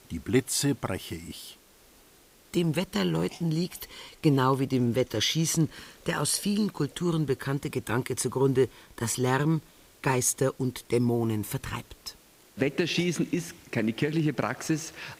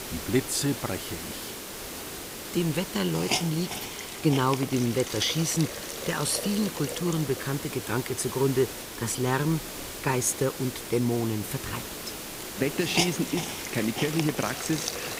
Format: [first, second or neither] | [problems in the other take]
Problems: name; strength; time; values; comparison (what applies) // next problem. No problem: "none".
first | hiss; loud; throughout; 5 dB below the speech; faint in the first